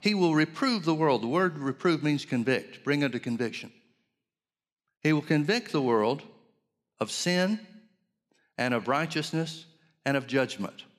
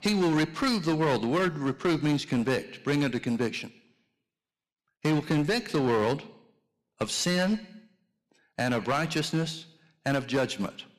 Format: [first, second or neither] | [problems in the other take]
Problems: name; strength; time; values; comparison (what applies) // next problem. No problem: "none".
first | distortion; heavy; 10% of the sound clipped